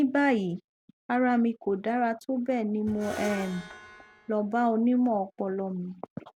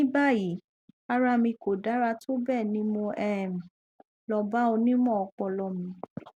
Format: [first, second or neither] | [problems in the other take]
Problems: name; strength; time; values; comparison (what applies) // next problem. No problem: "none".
second | background sound (Screech); 16 dB below the speech